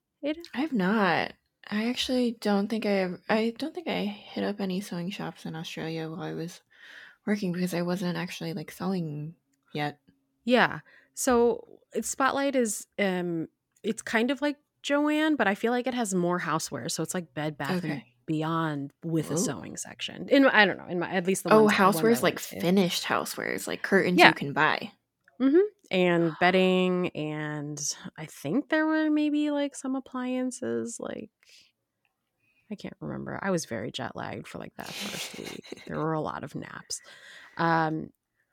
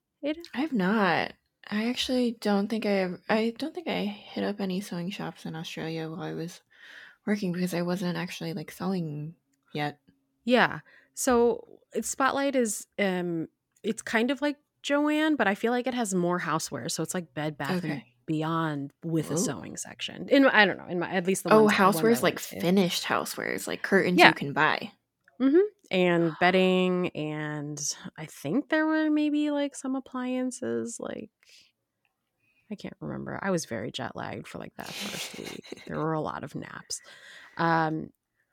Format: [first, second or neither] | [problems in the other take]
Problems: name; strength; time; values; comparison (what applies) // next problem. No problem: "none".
neither | none